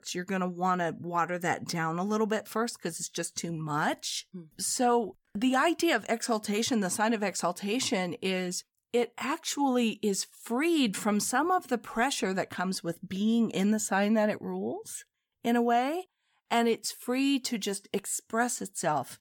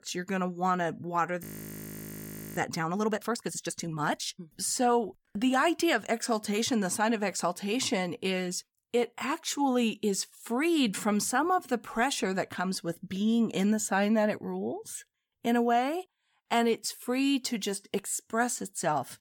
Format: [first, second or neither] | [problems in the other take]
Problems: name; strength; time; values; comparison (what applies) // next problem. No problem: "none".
first | audio freezing; at 1.5 s for 1 s